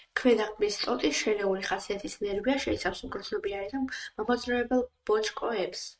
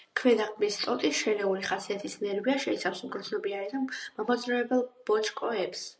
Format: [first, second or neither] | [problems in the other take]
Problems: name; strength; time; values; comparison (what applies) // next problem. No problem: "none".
second | noise reduction (neural mask model RNNoise)